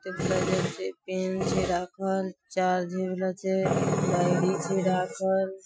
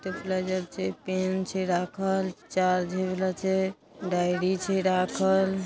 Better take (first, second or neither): second